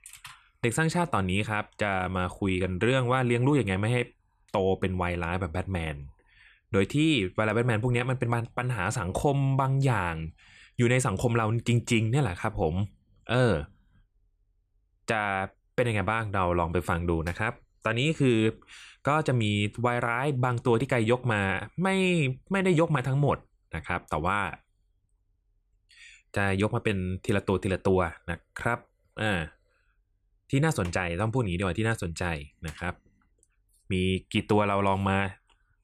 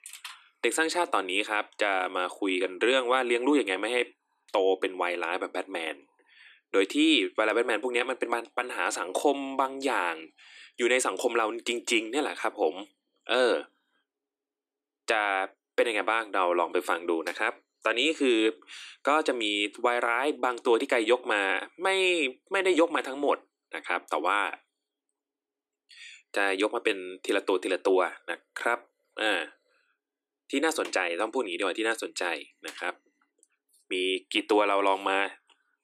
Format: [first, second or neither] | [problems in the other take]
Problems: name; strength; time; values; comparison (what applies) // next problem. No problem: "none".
first | thin; somewhat; fading below 300 Hz